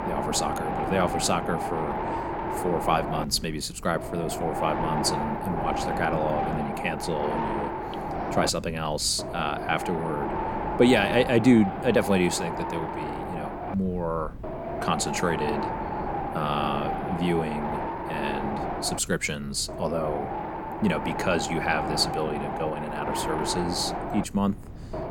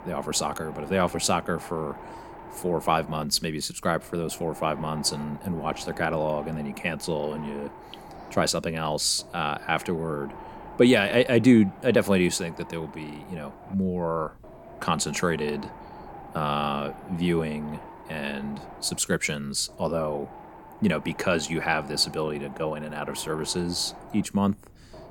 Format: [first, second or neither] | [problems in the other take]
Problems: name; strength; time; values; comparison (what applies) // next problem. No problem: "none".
second | wind noise on the microphone; heavy; 2 dB below the speech; occasional gusts in the second